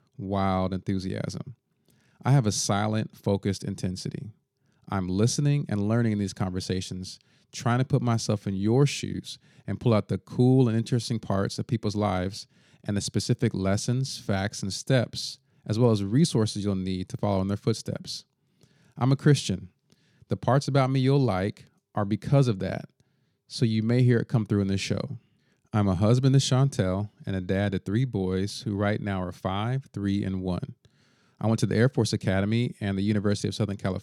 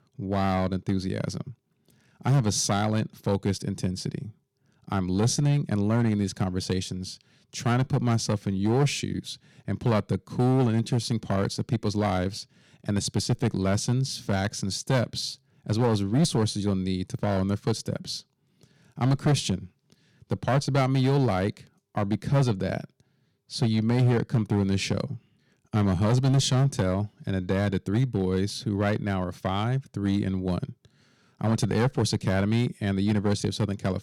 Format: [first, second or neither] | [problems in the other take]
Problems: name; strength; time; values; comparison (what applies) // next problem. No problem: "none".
first | distortion; slight; 5% of the sound clipped